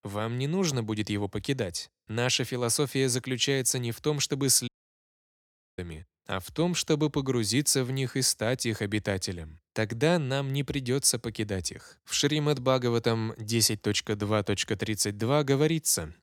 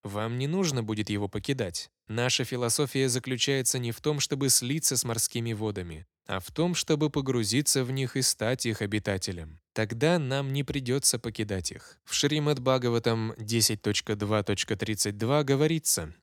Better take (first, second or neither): second